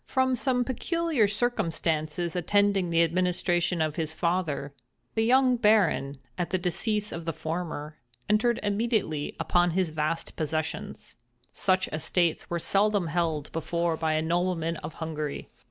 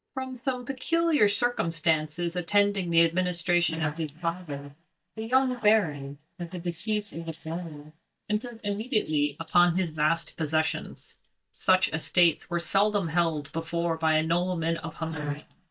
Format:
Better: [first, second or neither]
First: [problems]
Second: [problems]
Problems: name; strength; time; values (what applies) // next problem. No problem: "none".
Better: first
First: none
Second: noise reduction (neural mask model DeepFilterNet 3)